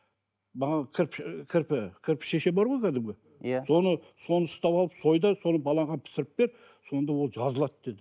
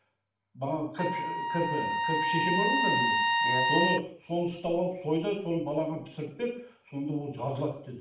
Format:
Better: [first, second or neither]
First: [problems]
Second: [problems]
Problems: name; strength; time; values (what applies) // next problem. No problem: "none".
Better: first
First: none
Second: background sound (Trumpet); 4 dB above the speech // room echo; dies away in 0.5 s